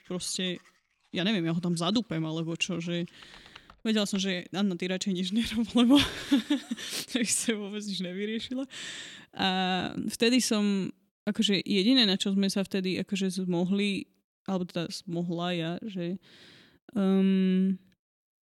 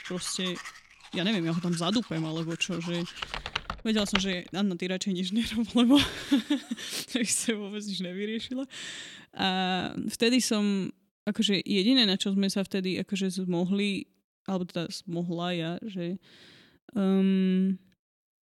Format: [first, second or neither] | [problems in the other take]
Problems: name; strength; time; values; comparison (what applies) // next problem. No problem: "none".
first | household noises; loud; until 4.5 s; 10 dB below the speech; faint in the first